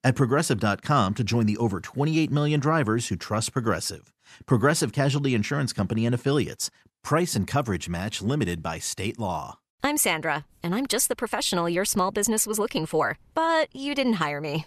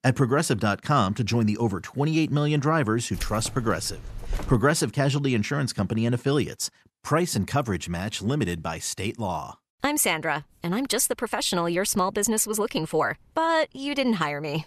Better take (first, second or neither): first